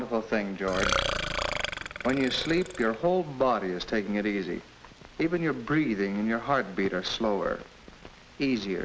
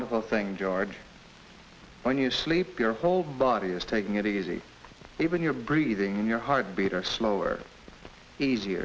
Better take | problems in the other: second | background sound (Burping, eructation); 3 dB below the speech

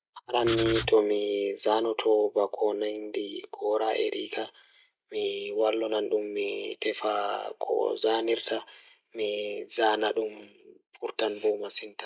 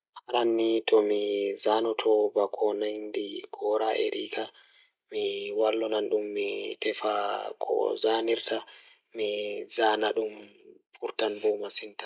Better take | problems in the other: second | background sound (Writing); 6 dB below the speech

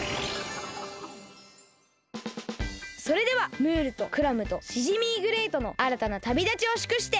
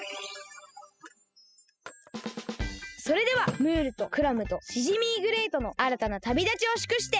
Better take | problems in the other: first | noise reduction (classical method spectral subtraction)

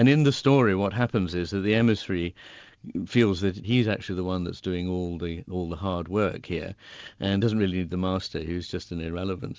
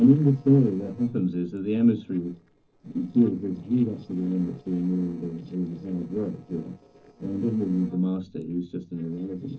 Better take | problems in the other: first | noise reduction (neural separator model SepFormer DNS4)

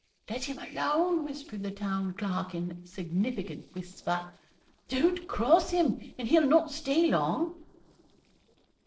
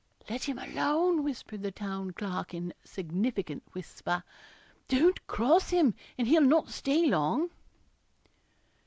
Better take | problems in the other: second | noise reduction (neural separator model SepFormer DNS4)

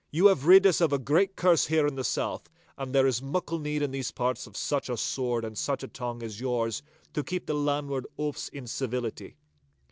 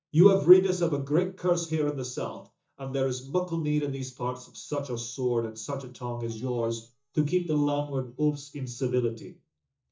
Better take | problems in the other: first | noise reduction (neural mask model DeepFilterNet 3)

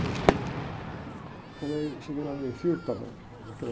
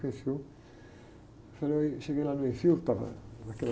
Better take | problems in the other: second | background sound (Crowd / Fireworks); 1 dB above the speech

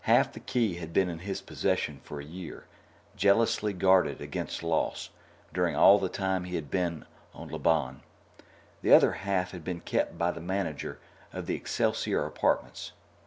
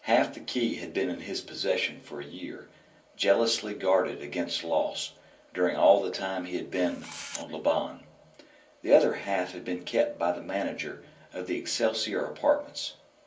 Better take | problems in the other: first | background sound (Camera); 16 dB below the speech // room echo; dies away in 0.3 s

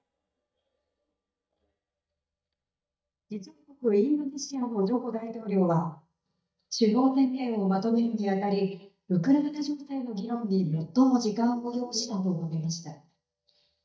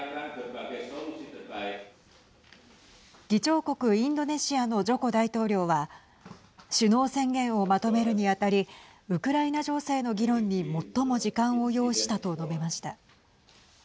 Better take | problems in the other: second | noise reduction (neural mask model DeepFilterNet 3)

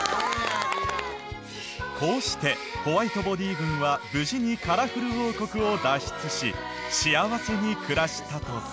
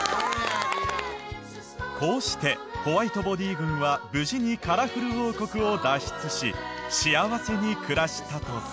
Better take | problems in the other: second | background sound (Bird); 16 dB below the speech

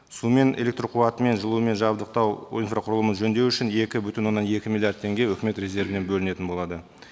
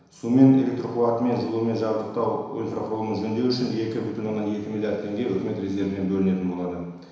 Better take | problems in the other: first | room echo; dies away in 1 s

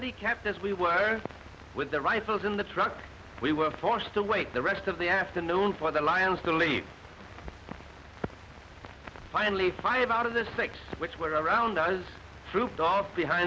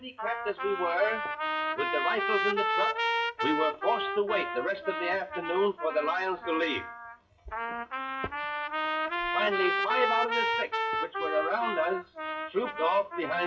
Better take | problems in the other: first | noise reduction (classical method WPE with log-MMSE)

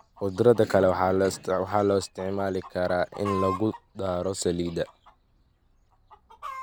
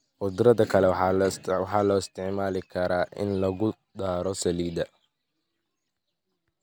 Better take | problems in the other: second | background sound (Chicken, rooster); 15 dB below the speech

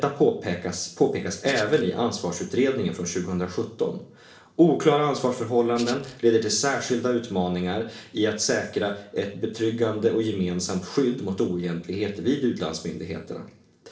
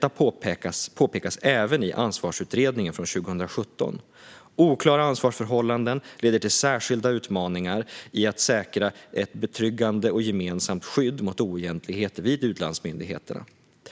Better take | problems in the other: second | noise reduction (neural separator model SepFormer DNS4)

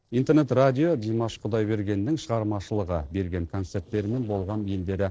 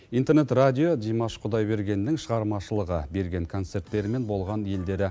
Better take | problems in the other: second | noise reduction (neural separator model SepFormer DNS4)

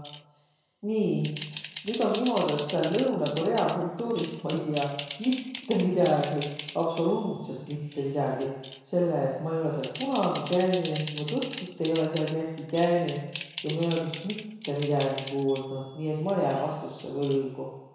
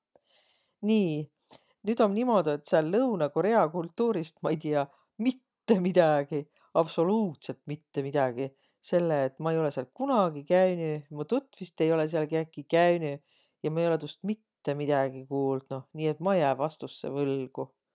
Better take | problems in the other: second | background sound (Typing); 14 dB below the speech // room echo; dies away in 1.1 s

